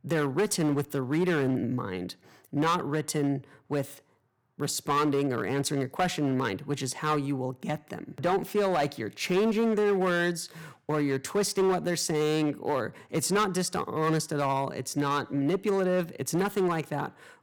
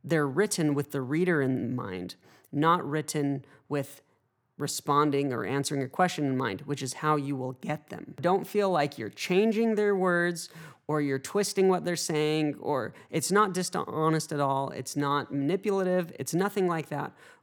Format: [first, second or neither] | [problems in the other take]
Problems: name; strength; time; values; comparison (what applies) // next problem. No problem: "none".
second | distortion; slight; 8% of the sound clipped